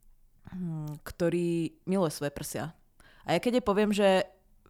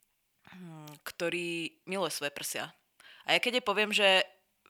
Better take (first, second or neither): first